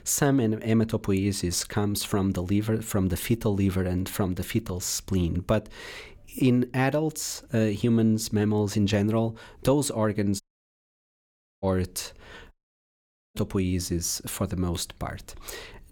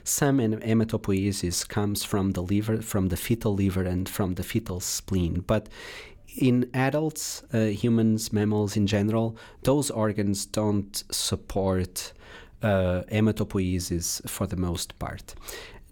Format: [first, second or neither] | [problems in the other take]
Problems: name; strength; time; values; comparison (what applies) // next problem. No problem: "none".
second | audio cutting out; at 10 s for 1 s and at 13 s for 1 s